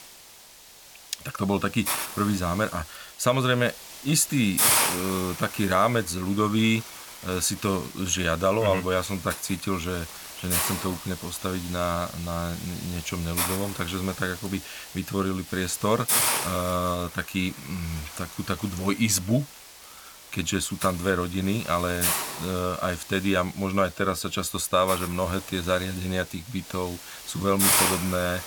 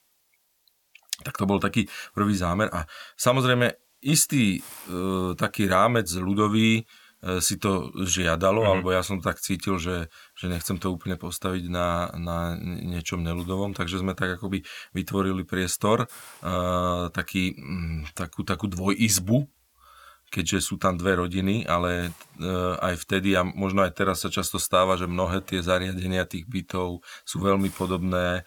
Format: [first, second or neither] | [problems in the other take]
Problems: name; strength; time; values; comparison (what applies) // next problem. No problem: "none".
second | hiss; loud; throughout; 2 dB below the speech; faint in the second